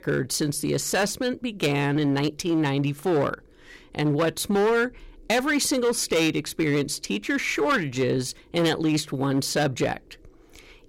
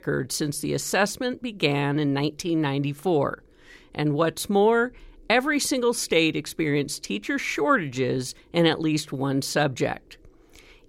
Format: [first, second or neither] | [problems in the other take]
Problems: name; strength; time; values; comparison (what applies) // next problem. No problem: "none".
second | distortion; slight; 8% of the sound clipped